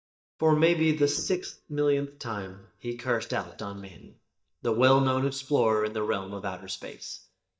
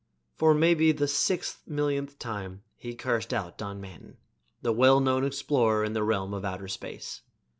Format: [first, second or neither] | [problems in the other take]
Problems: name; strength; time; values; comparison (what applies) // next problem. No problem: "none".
second | noise reduction (neural mask model DeepFilterNet 3)